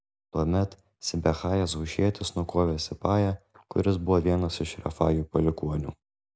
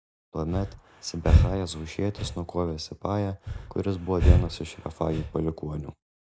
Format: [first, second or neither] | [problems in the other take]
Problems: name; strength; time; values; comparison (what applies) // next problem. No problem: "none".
first | background sound (Breathing); 4 dB above the speech